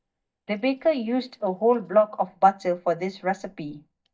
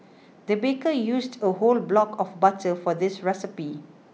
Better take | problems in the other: second | noise reduction (neural mask model DeepFilterNet 3)

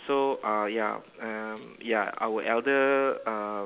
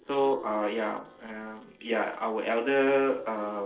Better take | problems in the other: first | noise reduction (neural separator model SepFormer DNS4)

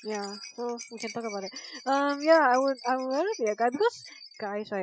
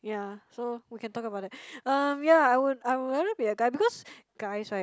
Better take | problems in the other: second | noise reduction (classical method Wiener filter)

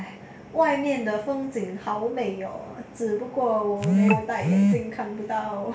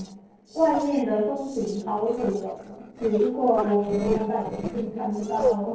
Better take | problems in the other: first | noise reduction (neural separator model SepFormer DNS4)

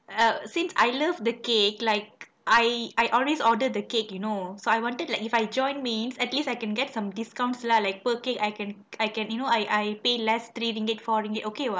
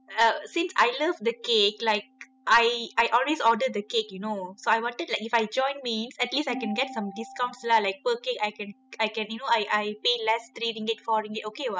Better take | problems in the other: first | noise reduction (classical method spectral subtraction)

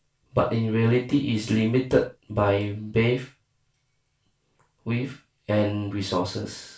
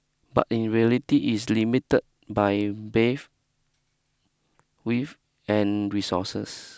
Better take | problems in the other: second | room echo; dies away in 0.2 s

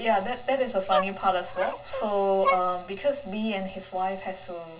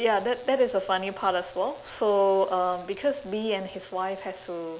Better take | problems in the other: second | background sound (Dog); 7 dB below the speech // room echo; dies away in 0.1 s

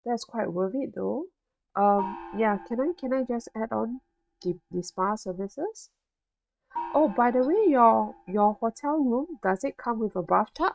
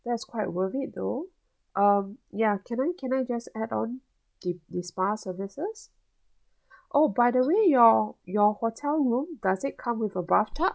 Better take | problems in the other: second | noise reduction (neural mask model RNNoise)

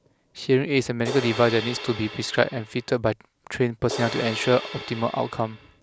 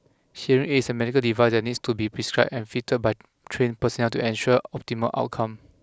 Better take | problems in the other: second | background sound (Crash cymbal); 10 dB below the speech

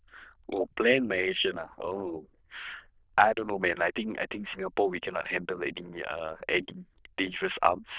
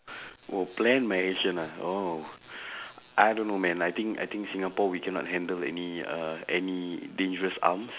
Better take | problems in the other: second | noise reduction (neural diffusion model UNIVERSE++)

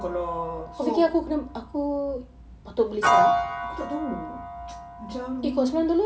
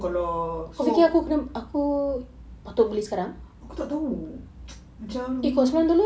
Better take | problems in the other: second | background sound (Piano); 2 dB below the speech

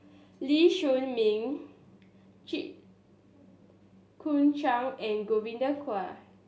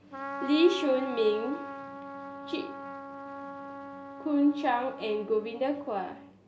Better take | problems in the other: first | background sound (Trumpet); 11 dB below the speech

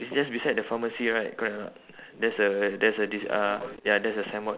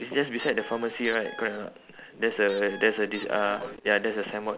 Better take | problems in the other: first | background sound (Squeak); 17 dB below the speech

